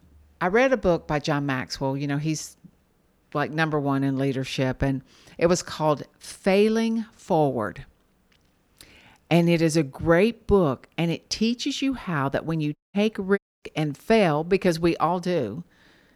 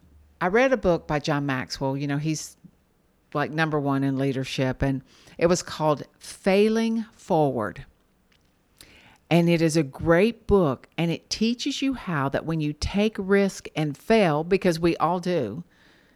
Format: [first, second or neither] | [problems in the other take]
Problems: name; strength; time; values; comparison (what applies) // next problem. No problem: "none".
second | audio cutting out; at 13 s